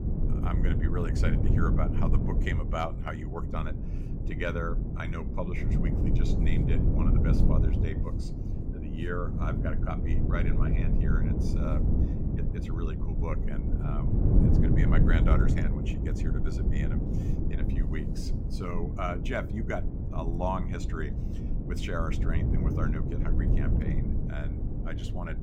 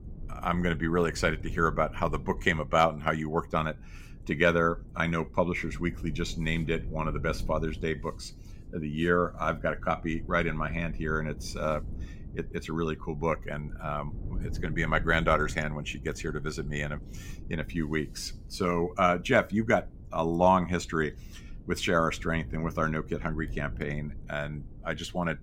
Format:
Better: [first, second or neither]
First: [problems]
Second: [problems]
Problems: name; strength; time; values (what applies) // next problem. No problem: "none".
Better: second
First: low rumble; loud; throughout; 2 dB below the speech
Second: low rumble; faint; throughout; 25 dB below the speech